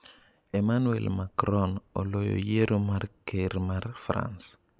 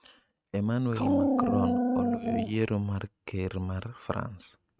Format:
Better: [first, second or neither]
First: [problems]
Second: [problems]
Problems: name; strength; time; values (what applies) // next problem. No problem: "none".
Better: first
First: none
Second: noise reduction (neural mask model RNNoise)